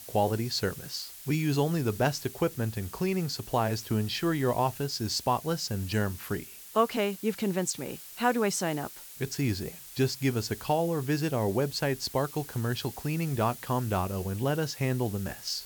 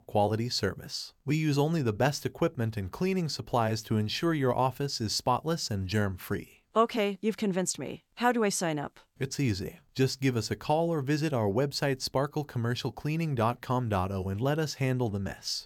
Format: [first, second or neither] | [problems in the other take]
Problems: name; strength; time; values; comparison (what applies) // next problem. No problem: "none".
second | hiss; noticeable; throughout; 15 dB below the speech